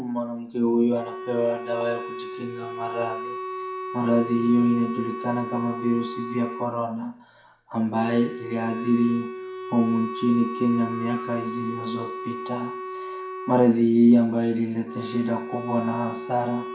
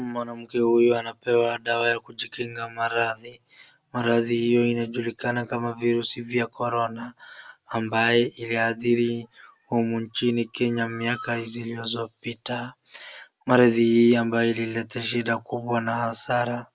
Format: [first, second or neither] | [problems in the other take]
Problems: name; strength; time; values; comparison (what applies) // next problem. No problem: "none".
second | background sound (Wind instrument, woodwind instrument); 10 dB below the speech // room echo; dies away in 0.5 s